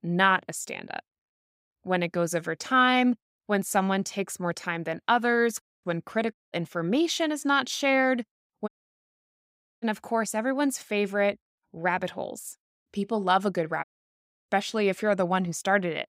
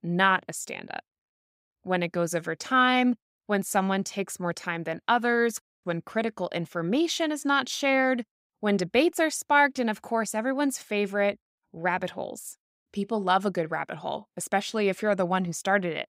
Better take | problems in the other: second | audio cutting out; at 6.5 s, at 8.5 s for 1 s and at 14 s for 0.5 s

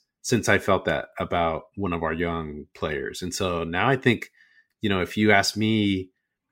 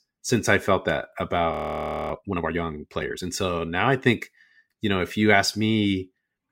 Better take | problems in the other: first | audio freezing; at 1.5 s for 0.5 s

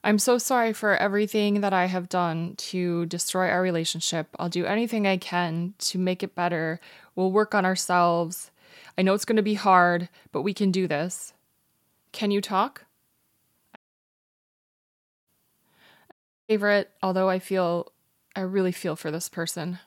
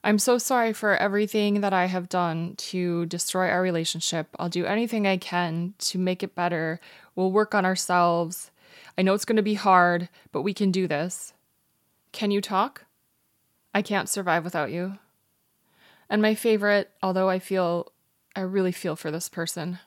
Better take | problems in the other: second | audio cutting out; at 14 s for 1.5 s and at 16 s

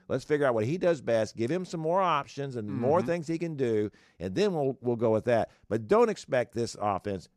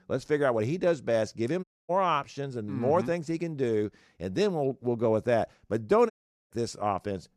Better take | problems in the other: first | audio cutting out; at 1.5 s and at 6 s

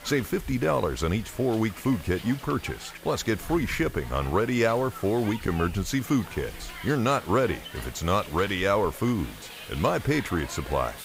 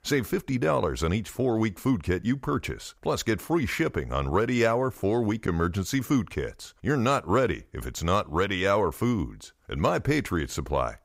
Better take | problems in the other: second | hiss; noticeable; throughout; 15 dB below the speech

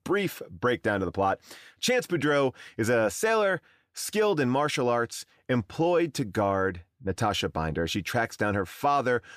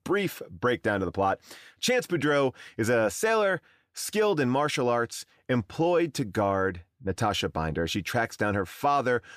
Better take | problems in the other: neither | none

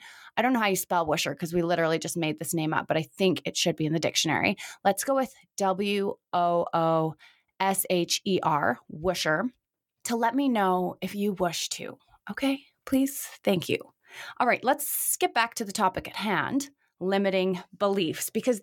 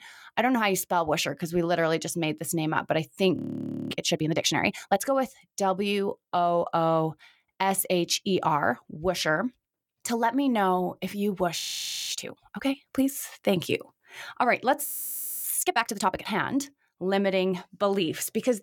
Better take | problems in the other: first | audio freezing; at 3.5 s for 0.5 s, at 12 s and at 15 s for 0.5 s

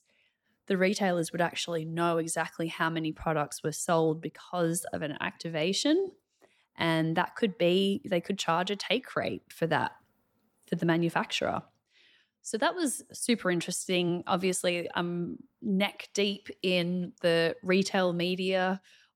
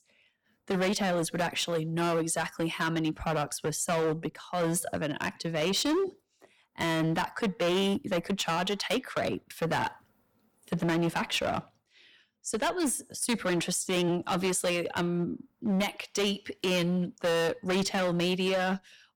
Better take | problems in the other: first | distortion; heavy; 15% of the sound clipped

